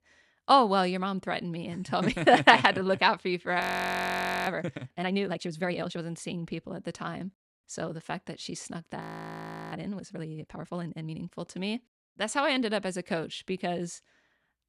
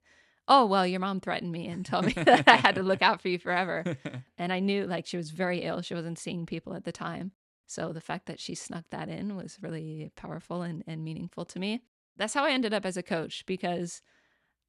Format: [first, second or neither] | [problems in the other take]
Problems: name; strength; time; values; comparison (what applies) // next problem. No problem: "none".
second | audio freezing; at 3.5 s for 1 s and at 9 s for 0.5 s